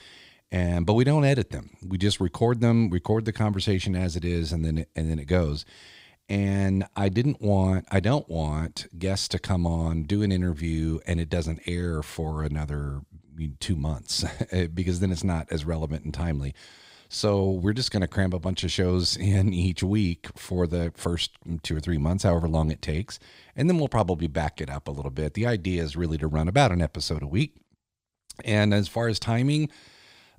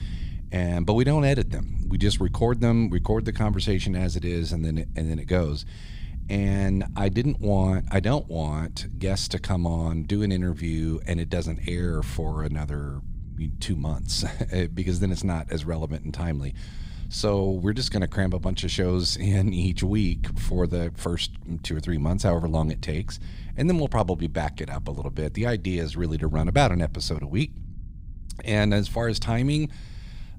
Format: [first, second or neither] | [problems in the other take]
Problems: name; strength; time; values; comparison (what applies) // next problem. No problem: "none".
first | low rumble; faint; throughout; 20 dB below the speech